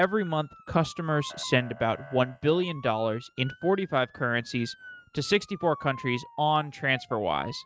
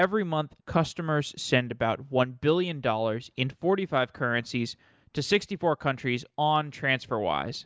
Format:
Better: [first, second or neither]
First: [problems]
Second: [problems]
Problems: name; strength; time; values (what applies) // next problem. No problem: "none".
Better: second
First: noise reduction (neural mask model RNNoise)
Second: none